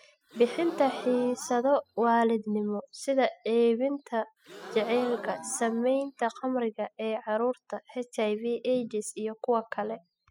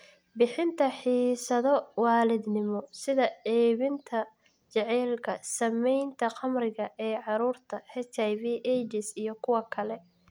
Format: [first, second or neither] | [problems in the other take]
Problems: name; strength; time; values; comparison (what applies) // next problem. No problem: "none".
second | noise reduction (classical method spectral subtraction)